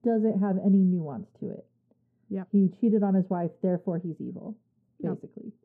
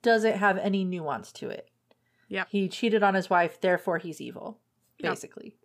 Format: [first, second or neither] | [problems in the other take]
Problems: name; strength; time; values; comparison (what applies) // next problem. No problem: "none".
second | muffled; very; fading above 1 kHz